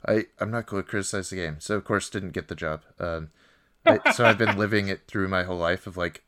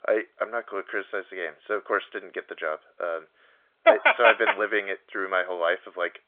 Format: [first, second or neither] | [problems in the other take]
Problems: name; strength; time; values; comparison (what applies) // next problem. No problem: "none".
first | phone-call audio; nothing above 3.5 kHz